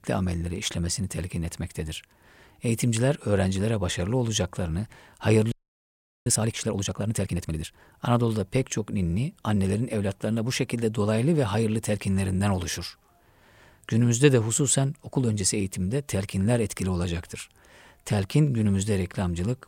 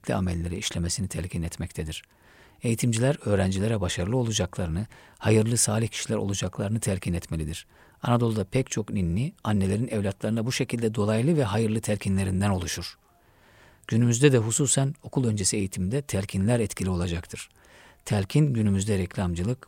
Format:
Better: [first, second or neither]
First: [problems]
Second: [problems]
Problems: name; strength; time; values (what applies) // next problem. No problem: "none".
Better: second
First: audio freezing; at 5.5 s for 0.5 s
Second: none